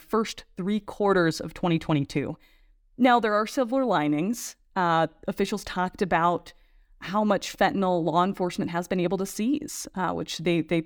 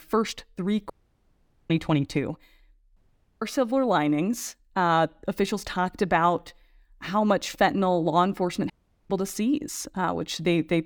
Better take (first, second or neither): first